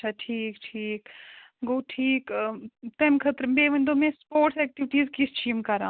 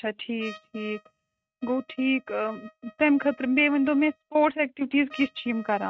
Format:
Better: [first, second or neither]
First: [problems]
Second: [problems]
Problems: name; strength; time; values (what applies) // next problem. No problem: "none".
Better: first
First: none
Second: noise reduction (neural mask model RNNoise)